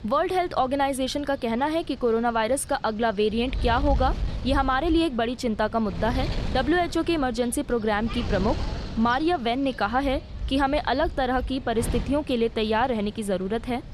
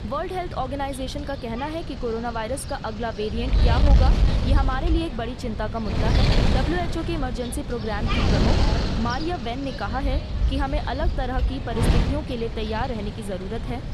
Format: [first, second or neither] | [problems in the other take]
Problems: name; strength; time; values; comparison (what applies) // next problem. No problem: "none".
first | wind noise on the microphone; heavy; 3 dB below the speech; occasional gusts in the first